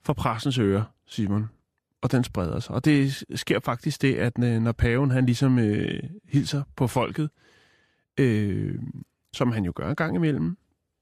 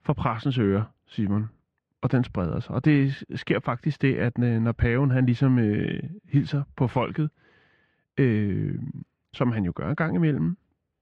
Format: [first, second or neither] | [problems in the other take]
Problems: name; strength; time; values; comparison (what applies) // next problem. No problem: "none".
first | muffled; slightly; fading above 2.5 kHz